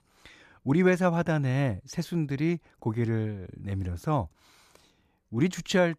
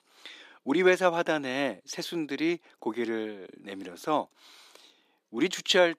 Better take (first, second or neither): first